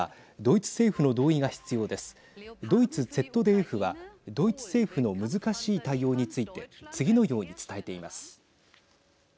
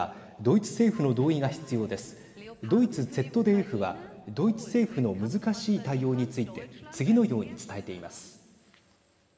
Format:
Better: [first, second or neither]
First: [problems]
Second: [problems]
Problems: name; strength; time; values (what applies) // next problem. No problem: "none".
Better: first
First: none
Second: room echo; dies away in 2.1 s